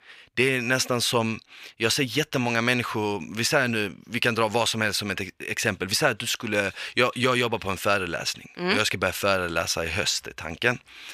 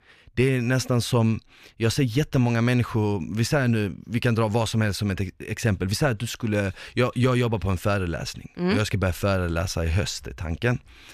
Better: second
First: thin; somewhat; fading below 650 Hz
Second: none

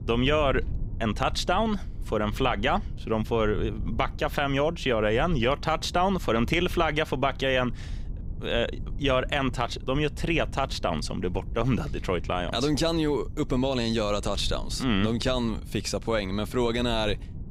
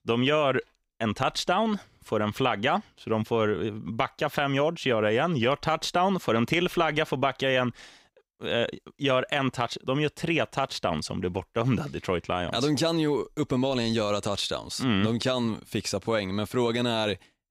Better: second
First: low rumble; faint; throughout; 25 dB below the speech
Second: none

